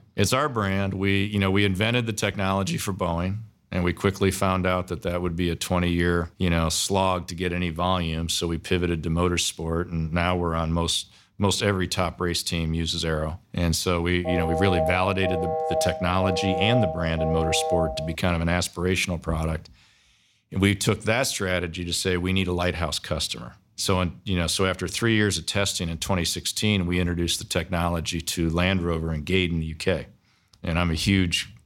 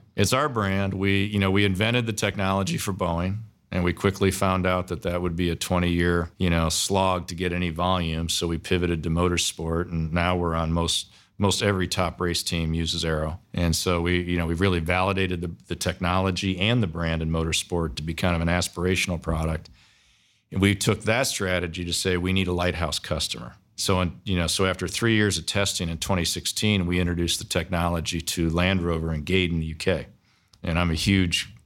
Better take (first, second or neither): second